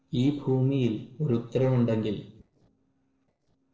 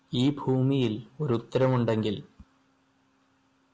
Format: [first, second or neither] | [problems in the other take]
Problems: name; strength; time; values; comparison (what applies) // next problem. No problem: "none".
second | noise reduction (neural separator model SepFormer DNS4)